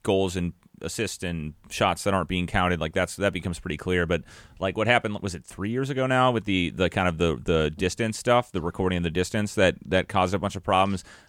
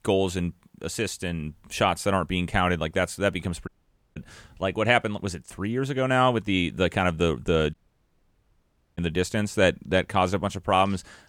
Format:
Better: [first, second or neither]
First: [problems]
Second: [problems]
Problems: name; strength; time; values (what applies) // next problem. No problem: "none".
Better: first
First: none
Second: audio cutting out; at 3.5 s and at 7.5 s for 1 s